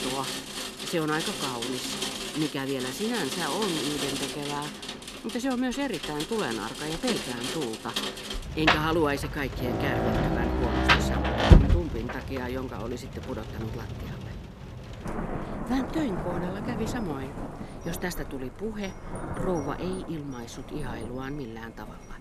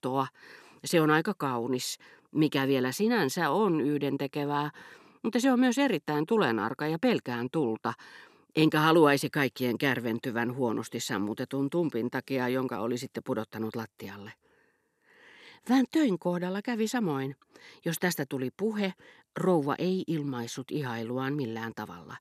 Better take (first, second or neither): second